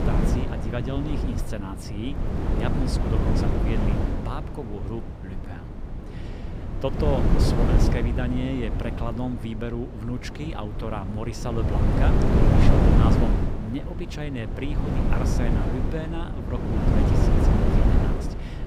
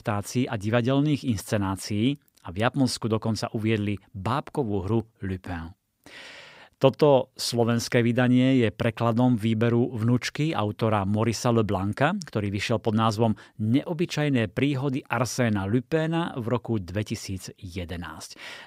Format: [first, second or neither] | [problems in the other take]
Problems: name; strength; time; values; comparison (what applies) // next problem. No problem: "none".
second | wind noise on the microphone; heavy; 3 dB above the speech